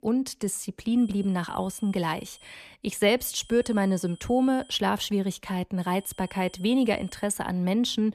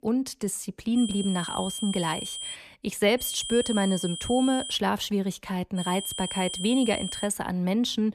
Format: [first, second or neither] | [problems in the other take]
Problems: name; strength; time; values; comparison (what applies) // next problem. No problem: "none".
first | high-pitched whine; loud; from 1 to 2.5 s, from 3 to 5 s and from 6 to 7.5 s; 3 kHz, 6 dB below the speech; faint in the first